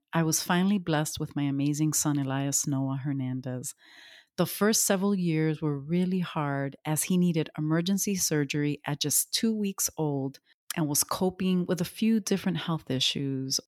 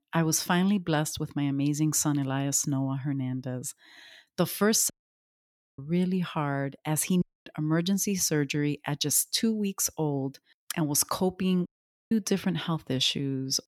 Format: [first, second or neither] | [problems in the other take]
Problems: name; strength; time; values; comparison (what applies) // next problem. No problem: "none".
first | audio cutting out; at 5 s for 1 s, at 7 s and at 12 s